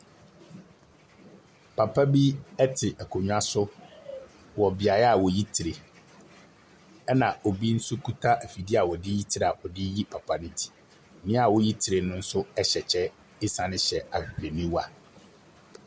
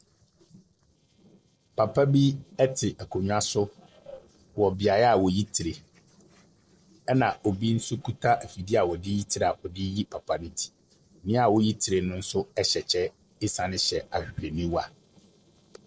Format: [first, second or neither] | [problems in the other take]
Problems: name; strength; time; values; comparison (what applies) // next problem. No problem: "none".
first | noise reduction (neural separator model SepFormer DNS4)